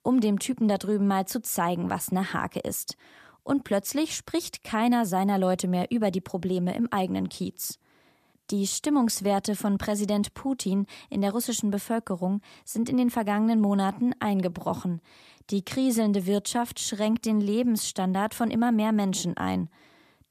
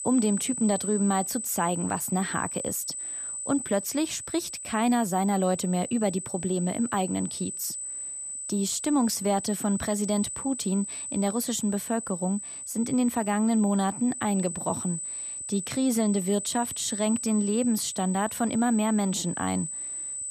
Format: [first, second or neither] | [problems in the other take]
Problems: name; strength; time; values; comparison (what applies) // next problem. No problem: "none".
first | high-pitched whine; loud; throughout; 8 kHz, 6 dB below the speech